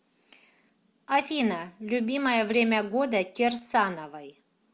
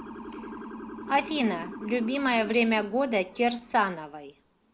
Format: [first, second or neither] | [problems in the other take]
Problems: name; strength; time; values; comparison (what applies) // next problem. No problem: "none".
first | background sound (Motor vehicle (road) / Siren); 14 dB below the speech